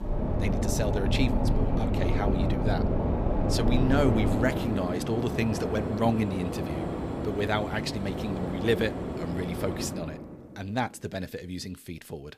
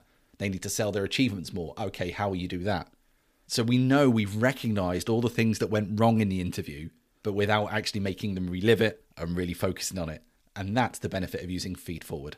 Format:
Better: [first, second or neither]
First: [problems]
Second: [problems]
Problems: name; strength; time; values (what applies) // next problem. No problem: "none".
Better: second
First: train or aircraft noise; very loud; until 10 s; 1 dB above the speech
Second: none